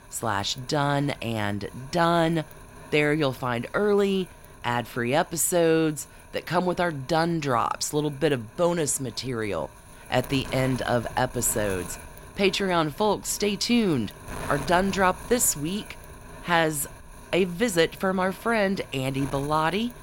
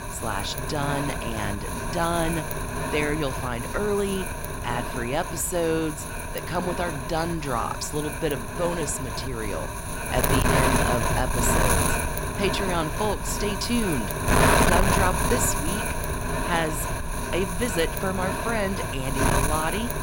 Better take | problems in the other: first | wind noise on the microphone; heavy; 1 dB above the speech; occasional gusts in the first

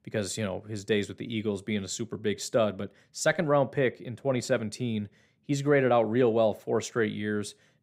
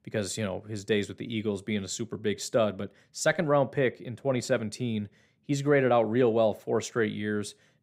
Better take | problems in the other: neither | none

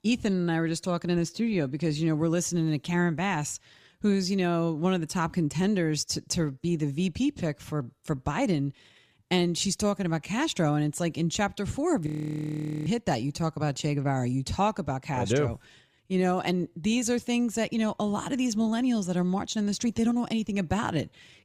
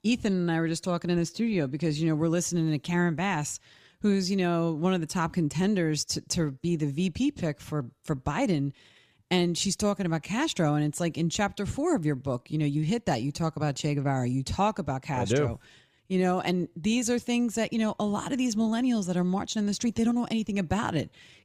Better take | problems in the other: second | audio freezing; at 12 s for 1 s

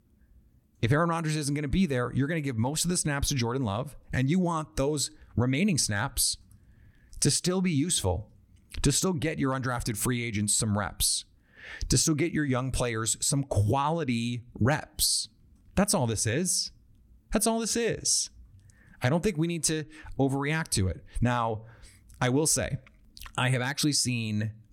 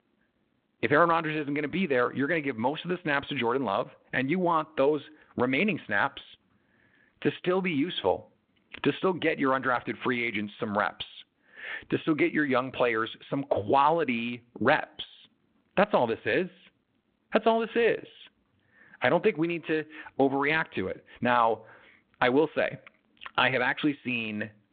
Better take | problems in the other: first | phone-call audio; nothing above 3.5 kHz

